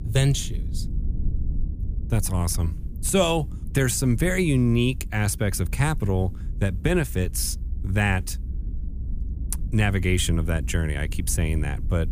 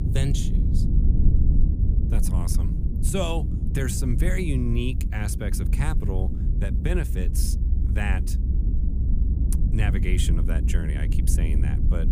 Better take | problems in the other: first | low rumble; loud; throughout; 6 dB below the speech; faint in the first

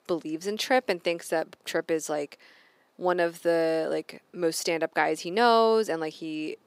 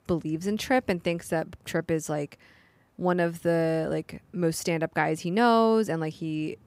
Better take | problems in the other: second | thin; somewhat; fading below 400 Hz

